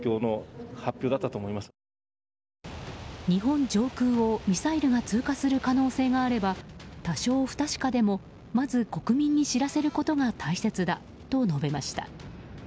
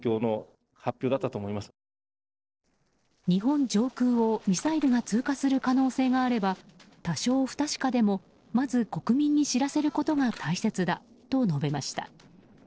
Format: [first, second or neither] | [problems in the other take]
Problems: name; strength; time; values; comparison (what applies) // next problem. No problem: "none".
first | noise reduction (neural separator model SepFormer DNS4)